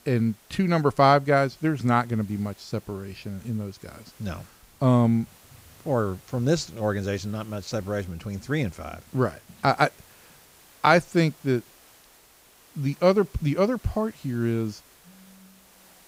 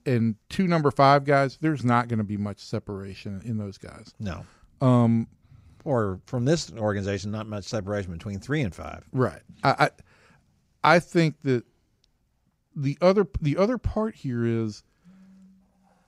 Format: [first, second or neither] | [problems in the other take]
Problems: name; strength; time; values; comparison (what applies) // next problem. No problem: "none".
second | hiss; faint; throughout; 25 dB below the speech